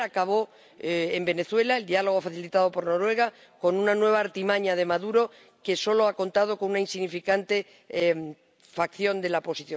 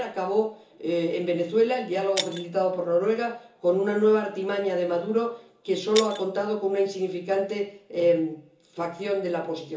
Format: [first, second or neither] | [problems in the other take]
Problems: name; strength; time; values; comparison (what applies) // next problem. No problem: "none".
first | background sound (Shatter); 15 dB below the speech // room echo; dies away in 0.7 s